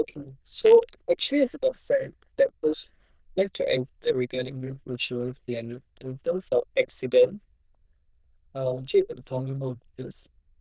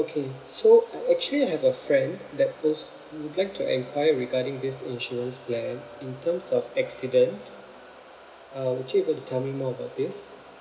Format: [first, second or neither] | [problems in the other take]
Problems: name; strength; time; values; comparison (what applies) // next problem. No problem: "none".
second | noise reduction (neural diffusion model UNIVERSE++)